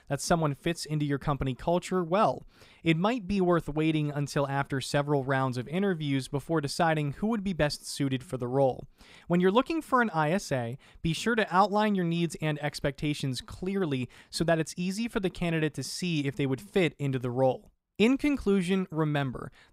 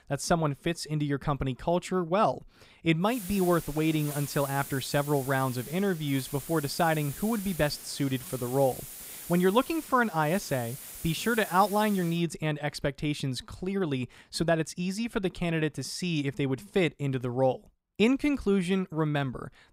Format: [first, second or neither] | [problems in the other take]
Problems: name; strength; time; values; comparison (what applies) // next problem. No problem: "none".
first | hiss; noticeable; from 3 to 12 s; 10 dB below the speech